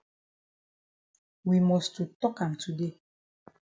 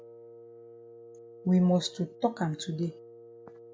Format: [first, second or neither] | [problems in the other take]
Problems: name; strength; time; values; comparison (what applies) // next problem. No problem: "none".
first | background sound (Wind instrument, woodwind instrument); 18 dB below the speech